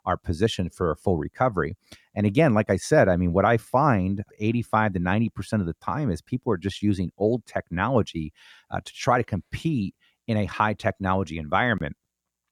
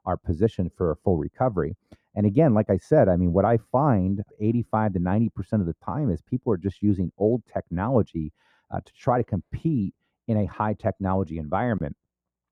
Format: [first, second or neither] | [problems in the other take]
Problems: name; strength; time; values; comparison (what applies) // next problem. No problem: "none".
first | muffled; very; fading above 1.5 kHz